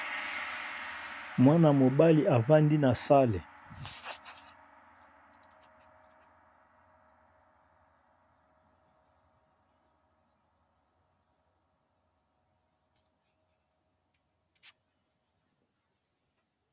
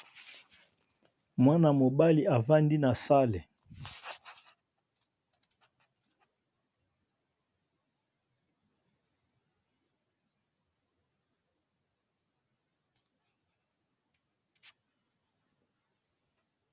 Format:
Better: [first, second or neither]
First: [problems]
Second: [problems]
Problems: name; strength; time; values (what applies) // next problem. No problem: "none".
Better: second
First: background sound (Gong); 17 dB below the speech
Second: none